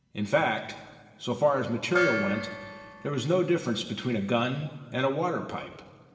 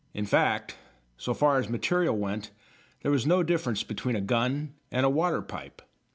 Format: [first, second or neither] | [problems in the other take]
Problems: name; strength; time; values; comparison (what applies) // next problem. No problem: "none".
second | background sound (Gong); 7 dB below the speech // room echo; dies away in 2 s